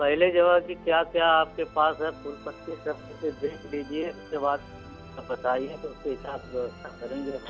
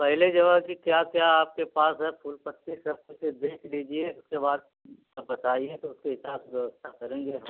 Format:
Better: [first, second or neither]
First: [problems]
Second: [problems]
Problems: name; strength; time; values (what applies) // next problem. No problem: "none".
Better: second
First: background sound (Musical instrument); 18 dB below the speech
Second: none